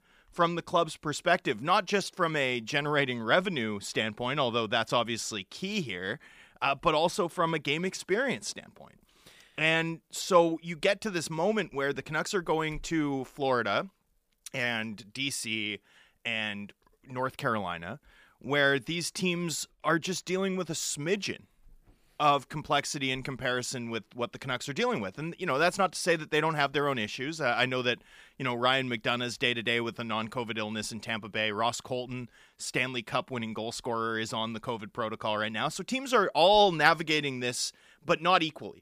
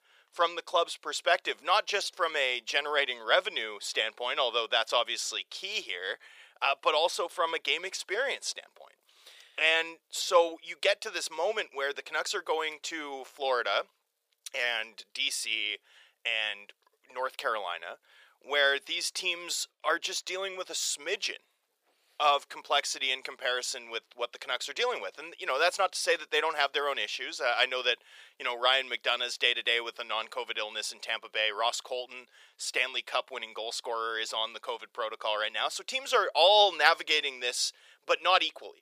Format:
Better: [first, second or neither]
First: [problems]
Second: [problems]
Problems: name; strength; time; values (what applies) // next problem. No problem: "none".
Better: first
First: none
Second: thin; very; fading below 500 Hz